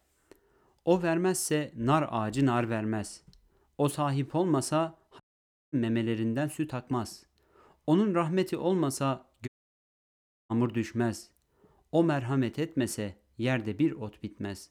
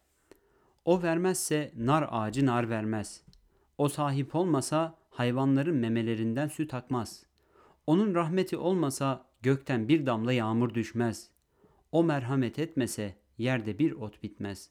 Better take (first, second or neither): second